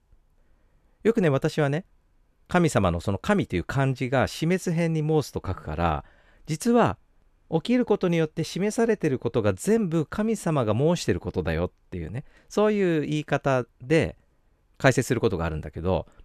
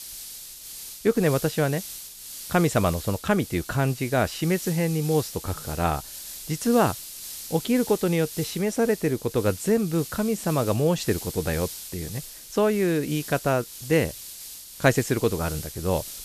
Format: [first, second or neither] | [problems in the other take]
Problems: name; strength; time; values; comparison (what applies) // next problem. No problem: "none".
first | hiss; noticeable; throughout; 10 dB below the speech